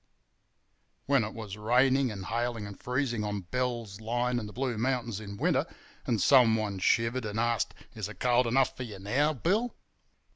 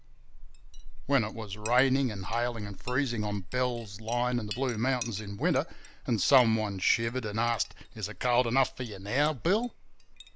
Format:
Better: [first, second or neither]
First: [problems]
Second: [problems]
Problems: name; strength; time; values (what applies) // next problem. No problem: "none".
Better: first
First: none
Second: background sound (Chink, clink); 10 dB below the speech